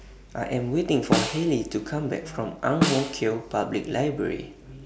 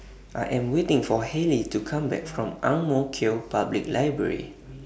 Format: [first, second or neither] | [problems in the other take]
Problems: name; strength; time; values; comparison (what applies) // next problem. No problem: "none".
second | background sound (Snare drum); 4 dB below the speech